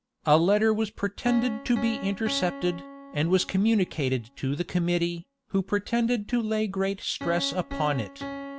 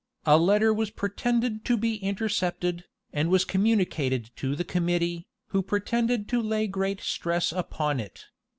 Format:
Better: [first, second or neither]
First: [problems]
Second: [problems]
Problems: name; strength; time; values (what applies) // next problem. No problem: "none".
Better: second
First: background sound (Piano); 14 dB below the speech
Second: none